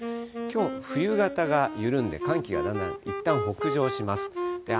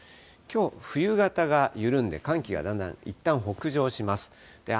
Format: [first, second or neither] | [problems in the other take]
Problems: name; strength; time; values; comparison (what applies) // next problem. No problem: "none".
second | background sound (Wind instrument, woodwind instrument); 4 dB below the speech